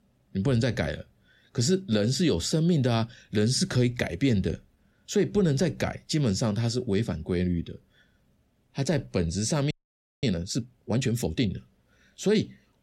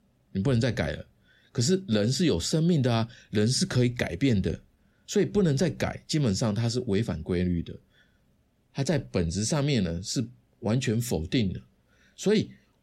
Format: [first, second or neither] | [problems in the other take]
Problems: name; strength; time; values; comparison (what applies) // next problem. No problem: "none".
second | audio freezing; at 9.5 s for 0.5 s